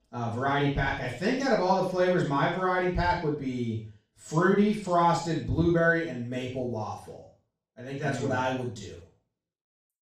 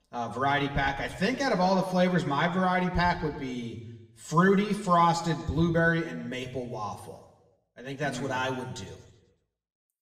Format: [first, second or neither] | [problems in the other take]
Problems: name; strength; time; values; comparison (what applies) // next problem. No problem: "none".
second | room echo; strong; dies away in 0.4 s; slight in the second // off-mic speech; far; somewhat distant in the second